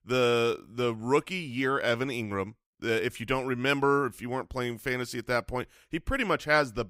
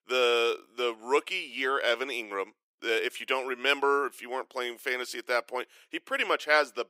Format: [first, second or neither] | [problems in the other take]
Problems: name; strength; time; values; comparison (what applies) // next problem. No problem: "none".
first | thin; somewhat; fading below 350 Hz